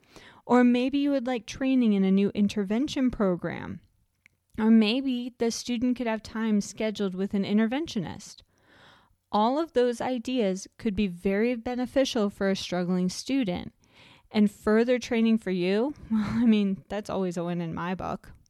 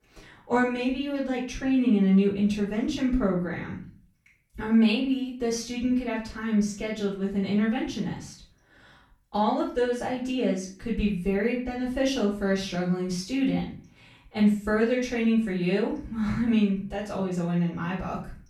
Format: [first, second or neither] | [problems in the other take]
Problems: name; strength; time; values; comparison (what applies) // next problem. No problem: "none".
first | off-mic speech; far // room echo; noticeable; dies away in 0.4 s